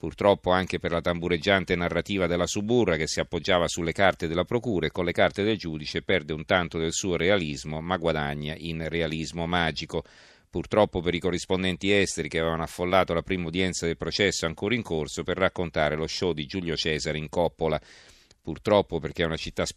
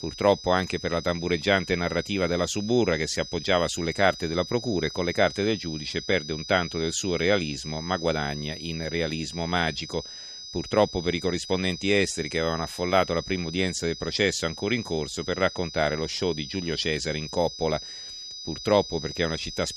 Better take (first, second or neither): first